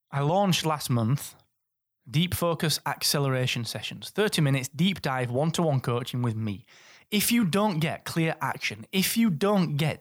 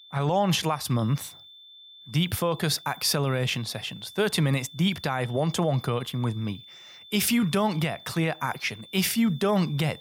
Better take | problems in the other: first | high-pitched whine; noticeable; throughout; 3.5 kHz, 20 dB below the speech

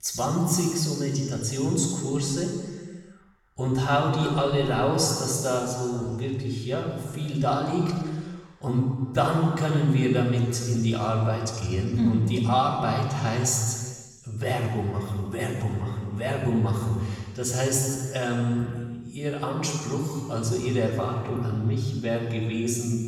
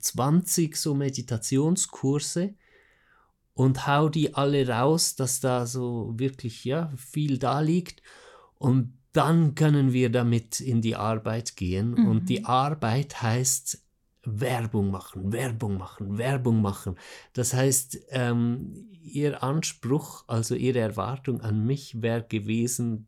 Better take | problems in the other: second | room echo; noticeable; dies away in 1.6 s // off-mic speech; far

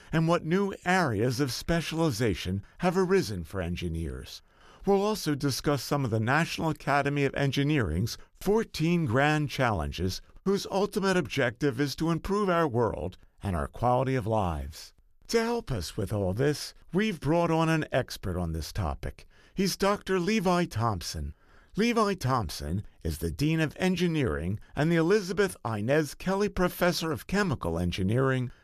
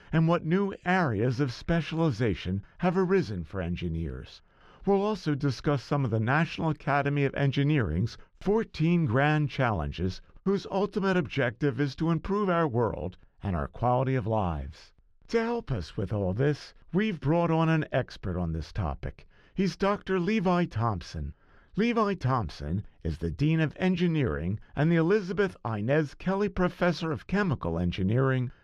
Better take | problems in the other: first | muffled; slightly; fading above 3.5 kHz

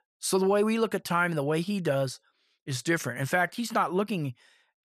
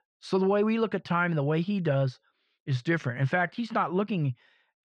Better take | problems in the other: first | muffled; slightly; fading above 3.5 kHz

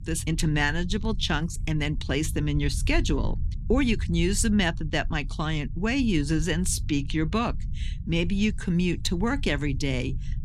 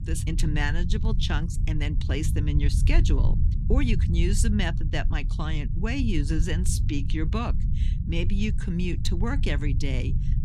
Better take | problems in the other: first | low rumble; loud; throughout; 10 dB below the speech; faint in the first

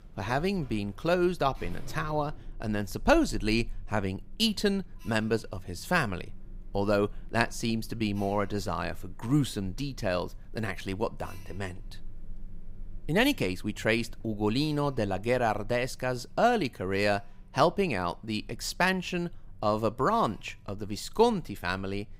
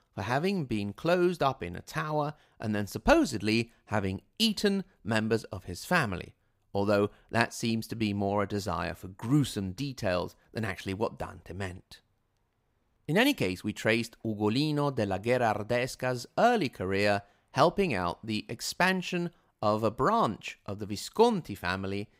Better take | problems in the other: second | alarms or sirens; faint; throughout; 20 dB below the speech

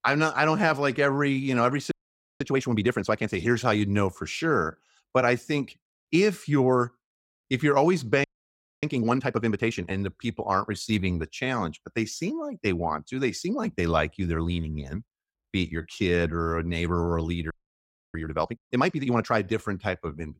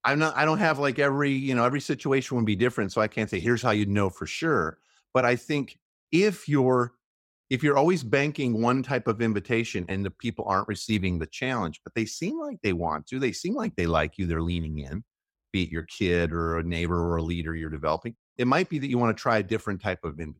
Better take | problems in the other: second | audio freezing; at 2 s, at 8 s for 0.5 s and at 18 s for 0.5 s

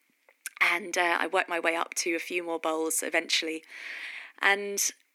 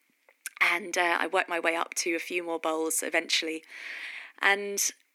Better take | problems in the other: neither | thin; very; fading below 250 Hz; the same in both

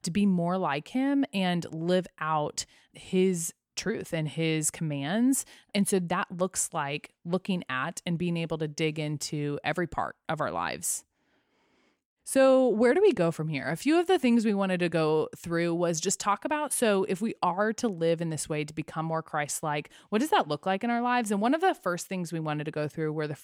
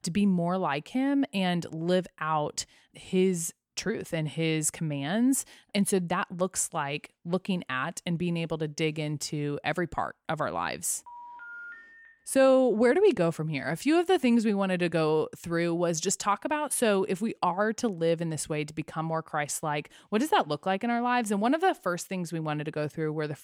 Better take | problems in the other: first | phone ringing; faint; from 11 to 12 s; peak 15 dB below the speech

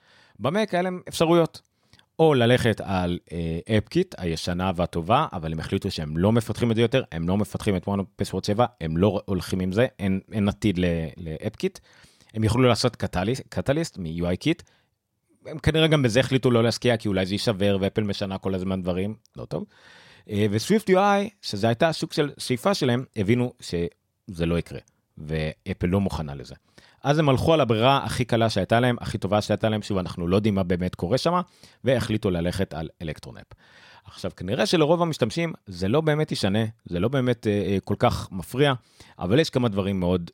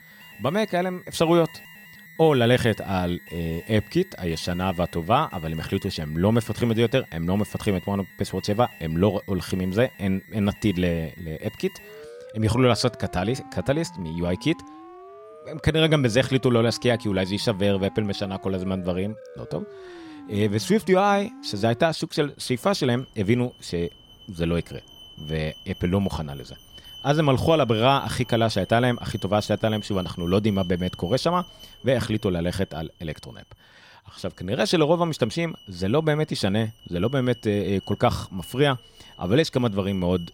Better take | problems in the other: first | alarms or sirens; noticeable; throughout; 20 dB below the speech

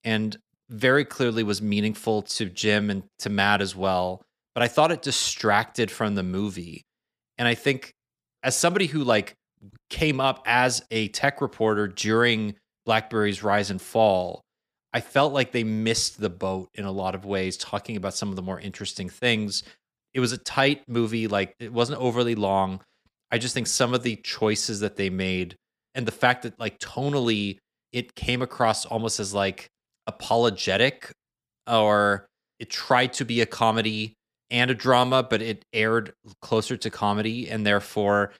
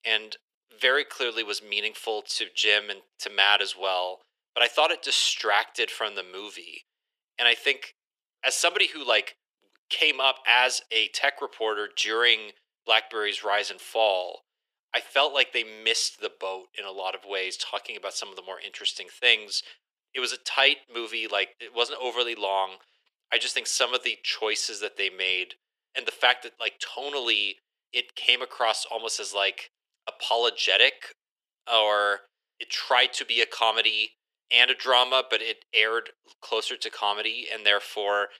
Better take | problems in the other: first | thin; very; fading below 400 Hz

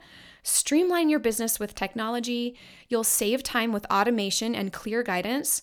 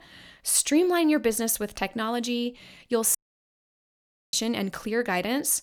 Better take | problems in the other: first | audio cutting out; at 3 s for 1 s

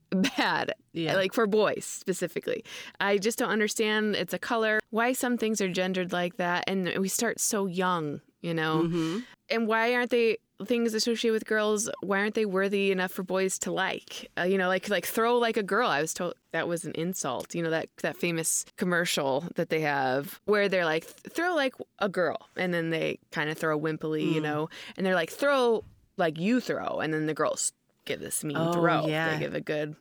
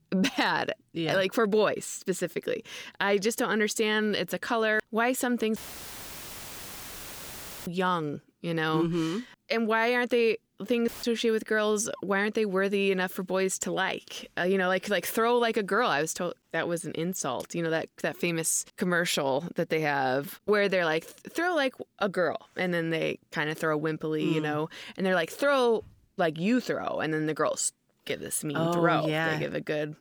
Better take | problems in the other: first | audio cutting out; filled with static; at 5.5 s for 2 s and at 11 s

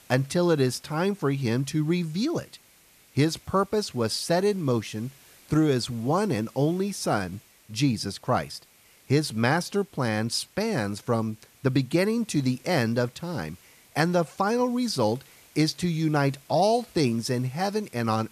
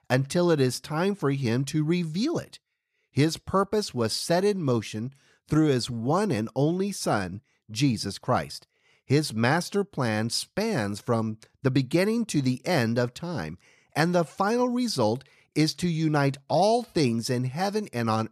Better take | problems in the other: second | hiss; faint; throughout; 25 dB below the speech

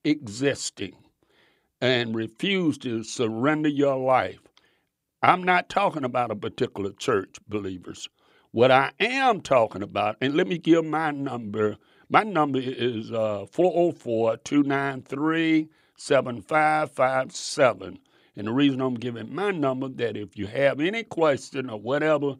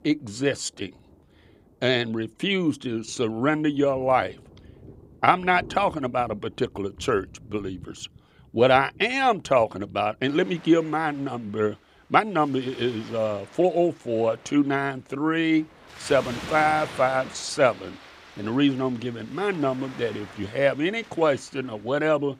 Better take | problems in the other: first | rain or running water; noticeable; throughout; 20 dB below the speech

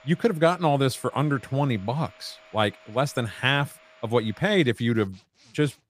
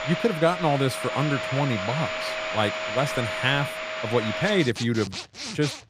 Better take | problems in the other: first | household noises; loud; throughout; 4 dB below the speech; faint in the first

